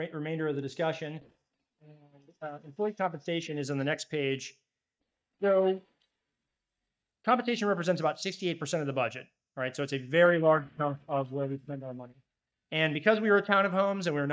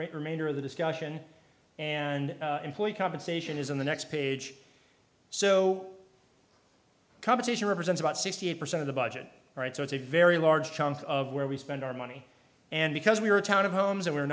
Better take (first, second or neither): second